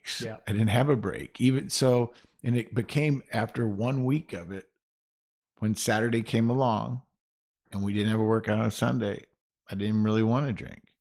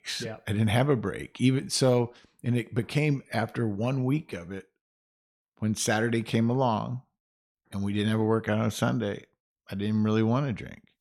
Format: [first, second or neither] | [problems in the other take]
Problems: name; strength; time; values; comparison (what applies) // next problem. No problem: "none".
second | garbled, watery; slightly; nothing above 18.5 kHz